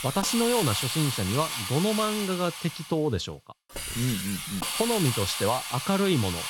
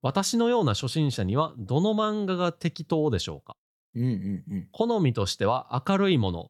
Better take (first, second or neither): second